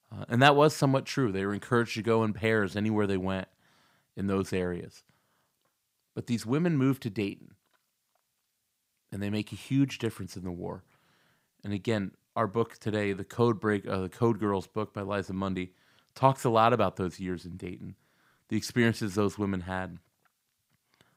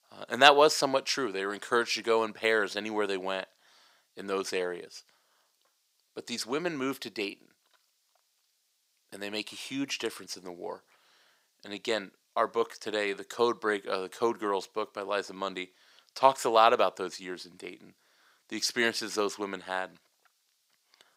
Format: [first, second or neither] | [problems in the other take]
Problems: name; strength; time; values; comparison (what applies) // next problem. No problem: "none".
first | thin; somewhat; fading below 500 Hz